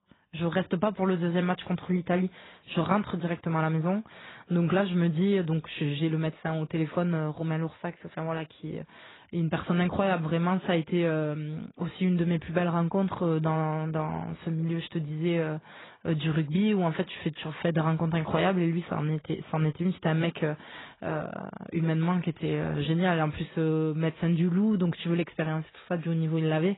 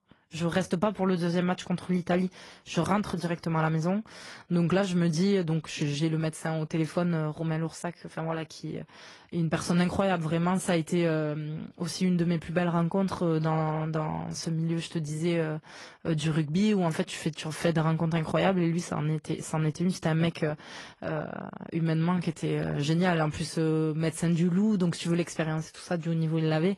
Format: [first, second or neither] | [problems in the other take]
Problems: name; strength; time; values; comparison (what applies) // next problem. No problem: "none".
second | garbled, watery; badly; nothing above 4 kHz; slightly in the second